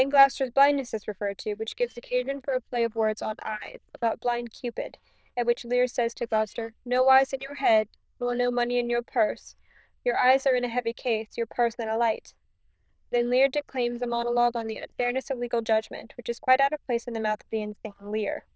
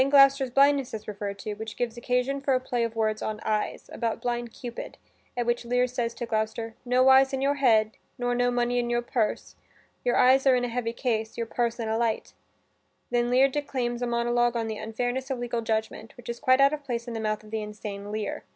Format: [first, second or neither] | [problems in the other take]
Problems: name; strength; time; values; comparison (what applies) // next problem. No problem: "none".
second | noise reduction (neural diffusion model UNIVERSE++)